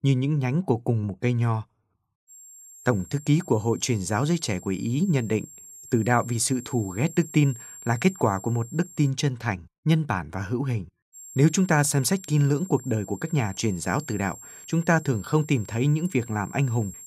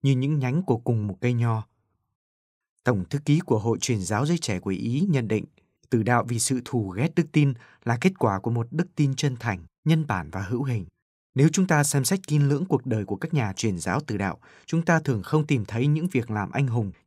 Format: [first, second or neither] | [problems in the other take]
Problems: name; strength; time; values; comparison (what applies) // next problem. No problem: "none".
second | high-pitched whine; noticeable; from 2.5 to 9 s and from 11 s on; 7.5 kHz, 15 dB below the speech